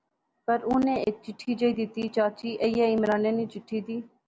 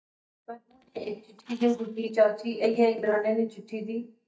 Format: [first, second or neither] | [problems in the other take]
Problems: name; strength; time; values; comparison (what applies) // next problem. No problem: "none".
first | noise reduction (neural mask model DeepFilterNet 3)